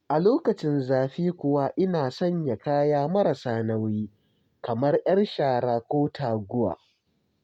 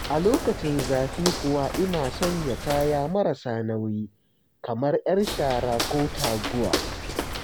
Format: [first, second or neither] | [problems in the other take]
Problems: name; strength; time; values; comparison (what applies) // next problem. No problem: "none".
first | background sound (Walk, footsteps); 6 dB below the speech